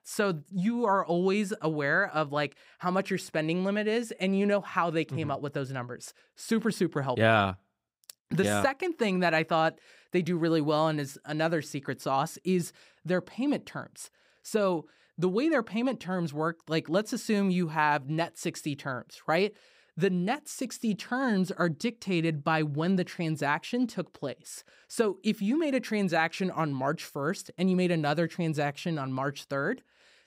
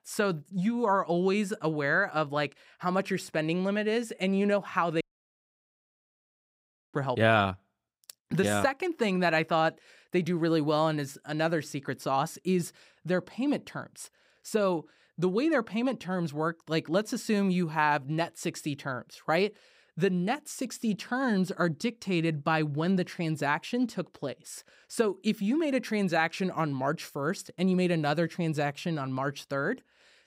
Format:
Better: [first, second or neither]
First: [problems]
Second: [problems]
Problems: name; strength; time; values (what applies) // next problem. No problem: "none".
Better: first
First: none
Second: audio cutting out; at 5 s for 2 s